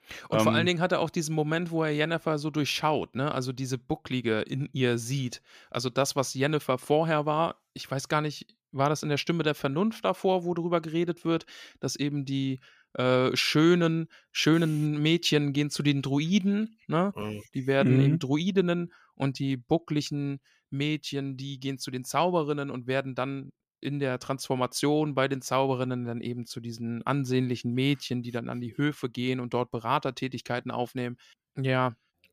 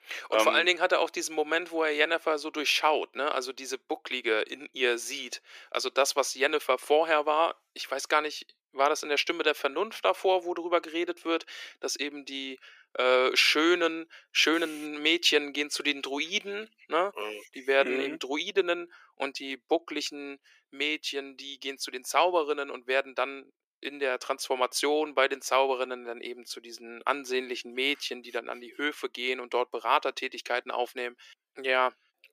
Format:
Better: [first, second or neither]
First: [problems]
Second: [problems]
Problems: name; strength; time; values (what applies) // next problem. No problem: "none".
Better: first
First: none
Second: thin; very; fading below 350 Hz